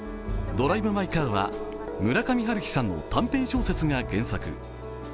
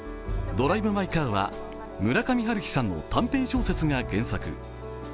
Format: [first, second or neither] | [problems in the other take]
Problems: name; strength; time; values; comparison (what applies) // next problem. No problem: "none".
second | background sound (Guitar); 13 dB below the speech